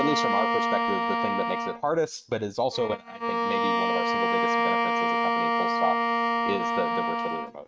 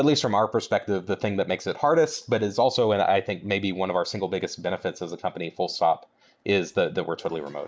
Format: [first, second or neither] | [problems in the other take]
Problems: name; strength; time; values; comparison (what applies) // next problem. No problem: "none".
second | noise reduction (neural mask model RNNoise)